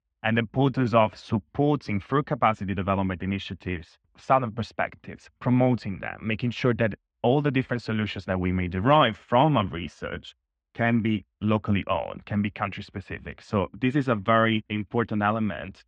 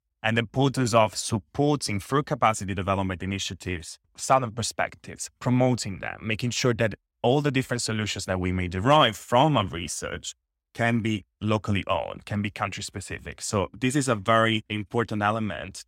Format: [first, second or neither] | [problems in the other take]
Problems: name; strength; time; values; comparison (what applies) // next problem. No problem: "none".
second | muffled; very; fading above 3 kHz